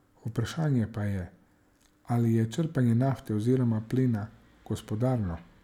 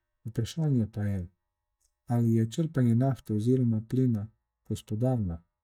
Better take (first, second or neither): first